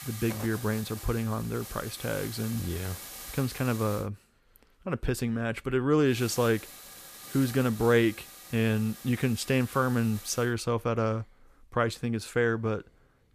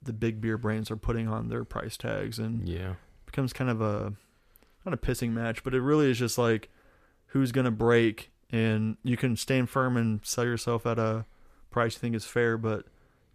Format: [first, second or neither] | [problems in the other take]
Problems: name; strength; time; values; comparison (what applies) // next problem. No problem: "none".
second | hiss; noticeable; until 4 s and from 6 to 10 s; 15 dB below the speech